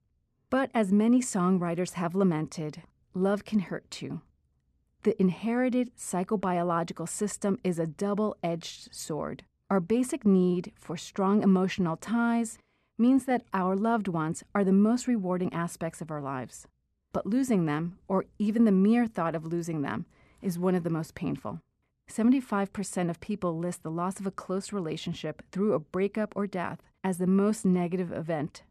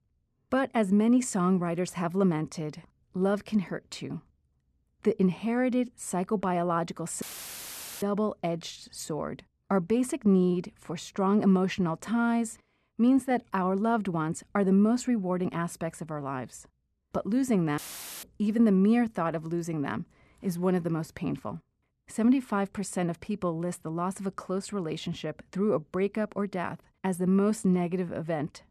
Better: first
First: none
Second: audio cutting out; filled with static; at 7 s for 1 s and at 18 s

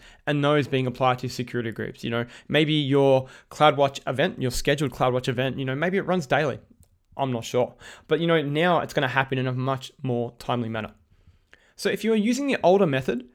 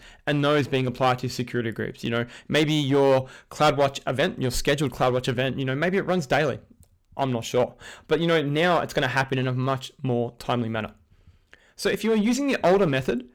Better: first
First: none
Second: distortion; slight; 6% of the sound clipped

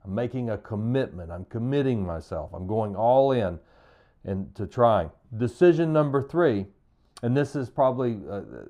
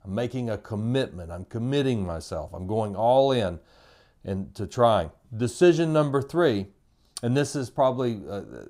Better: second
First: muffled; slightly; fading above 3 kHz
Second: none

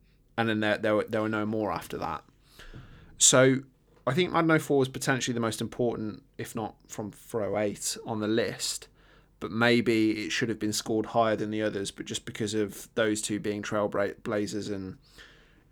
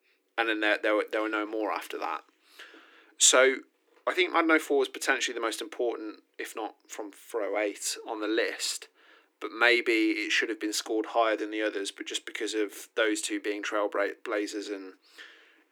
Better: first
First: none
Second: thin; very; fading below 300 Hz

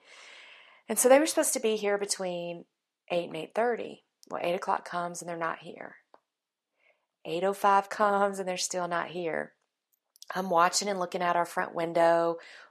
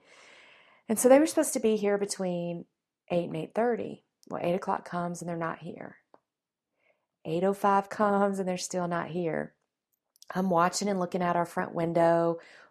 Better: second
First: thin; very slightly; fading below 700 Hz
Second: none

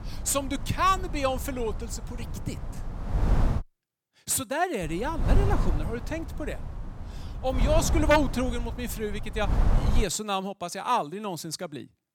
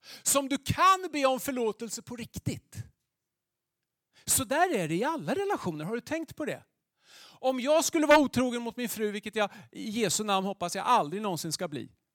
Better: second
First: wind noise on the microphone; occasional gusts; until 3.5 s and from 5 to 10 s; 10 dB below the speech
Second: none

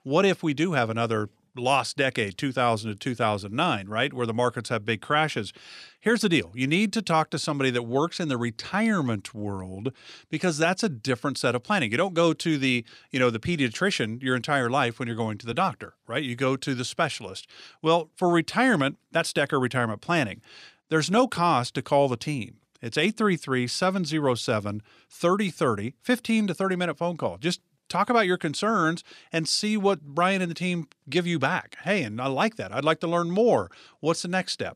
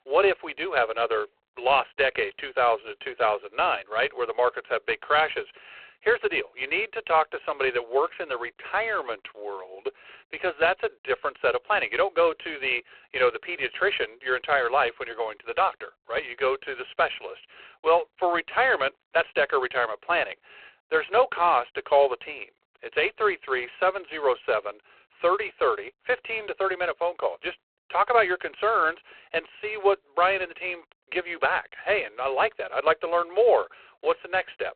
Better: first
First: none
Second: phone-call audio; poor line

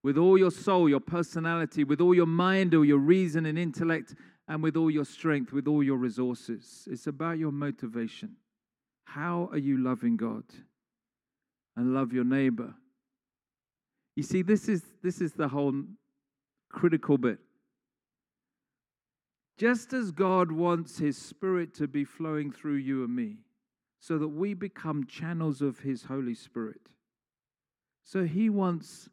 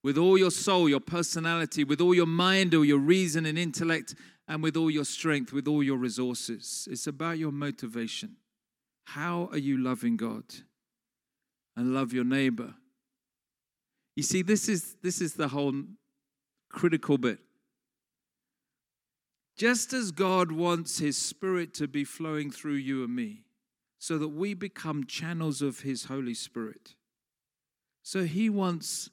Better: second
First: muffled; slightly; fading above 2.5 kHz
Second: none

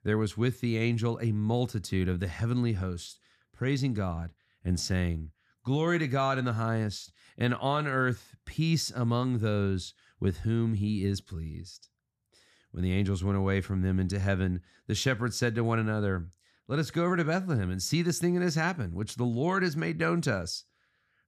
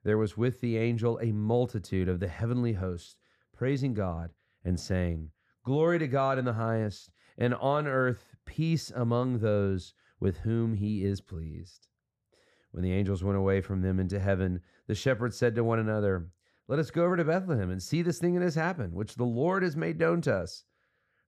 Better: first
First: none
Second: muffled; slightly; fading above 2.5 kHz

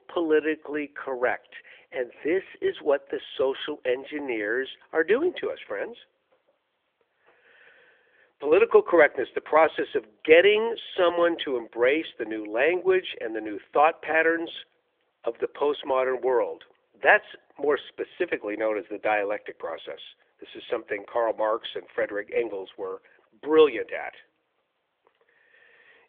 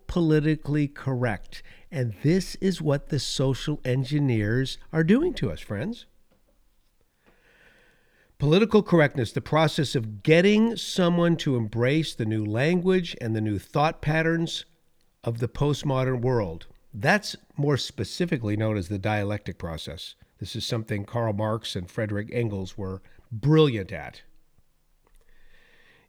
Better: second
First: phone-call audio; nothing above 3.5 kHz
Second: none

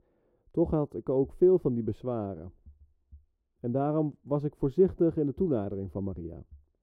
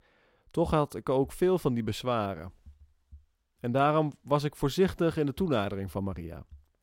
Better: second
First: muffled; very; fading above 1 kHz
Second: none

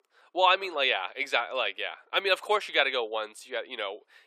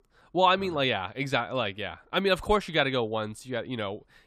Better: second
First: thin; very; fading below 400 Hz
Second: none

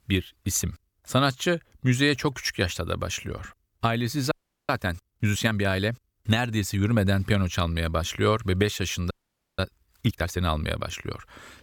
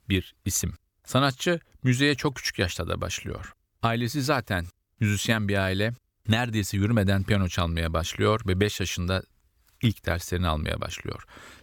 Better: second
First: audio freezing; at 4.5 s and at 9 s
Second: none

